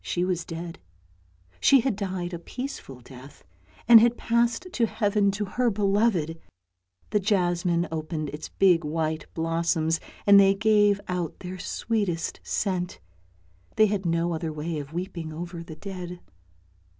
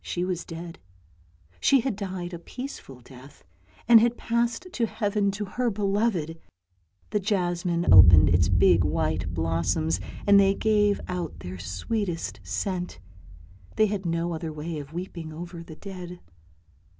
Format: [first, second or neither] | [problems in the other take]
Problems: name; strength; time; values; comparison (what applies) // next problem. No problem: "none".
first | background sound (Boom); 2 dB below the speech